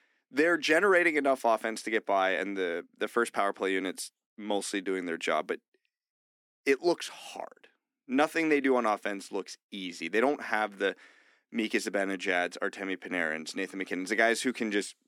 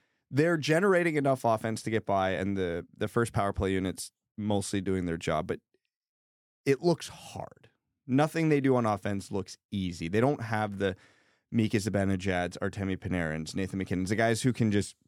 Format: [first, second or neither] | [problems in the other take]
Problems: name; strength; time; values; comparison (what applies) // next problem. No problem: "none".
second | thin; somewhat; fading below 250 Hz